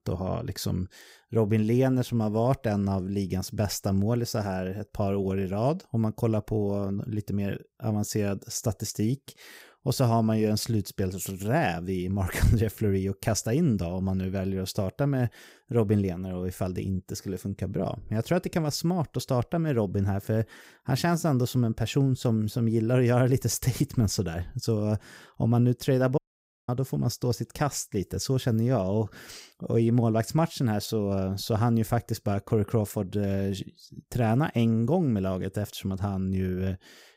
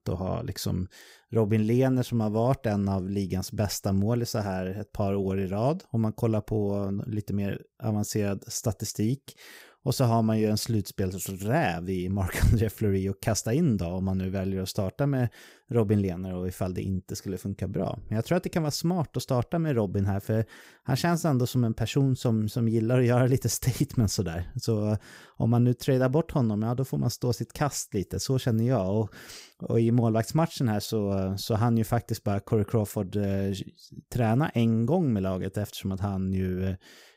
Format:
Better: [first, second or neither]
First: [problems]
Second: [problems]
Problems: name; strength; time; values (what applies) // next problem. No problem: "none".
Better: second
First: audio cutting out; at 26 s for 0.5 s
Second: none